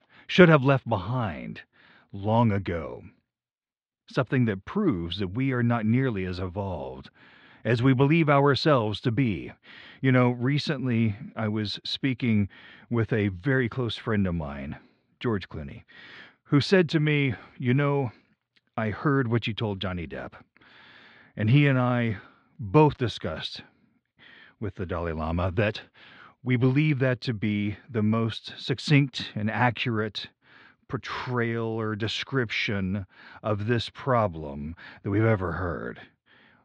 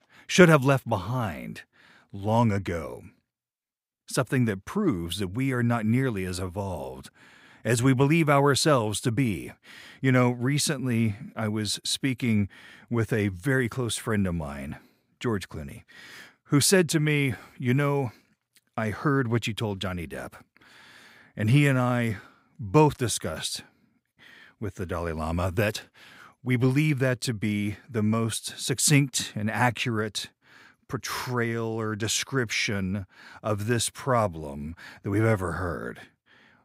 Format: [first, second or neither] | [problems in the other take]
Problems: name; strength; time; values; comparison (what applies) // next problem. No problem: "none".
second | muffled; slightly; fading above 4 kHz